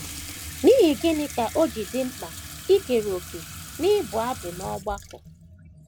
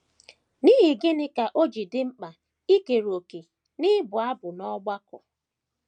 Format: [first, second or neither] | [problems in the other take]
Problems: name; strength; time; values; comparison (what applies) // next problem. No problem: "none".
second | background sound (Sink (filling or washing) / Water tap, faucet); 13 dB below the speech